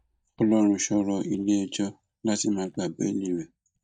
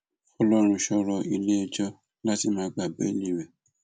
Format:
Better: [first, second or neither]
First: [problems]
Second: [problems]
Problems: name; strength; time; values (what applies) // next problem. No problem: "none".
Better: second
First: noise reduction (neural mask model DeepFilterNet 3)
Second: none